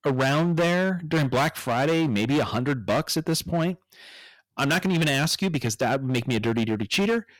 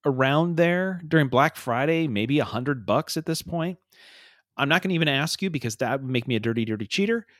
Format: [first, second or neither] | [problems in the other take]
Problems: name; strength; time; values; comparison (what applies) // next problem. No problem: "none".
second | distortion; heavy; 17% of the sound clipped